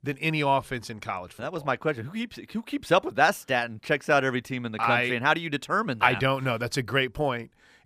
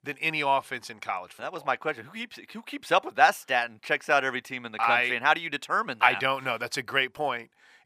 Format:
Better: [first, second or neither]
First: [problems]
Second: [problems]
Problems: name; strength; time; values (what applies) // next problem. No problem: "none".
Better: first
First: none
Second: thin; somewhat; fading below 1 kHz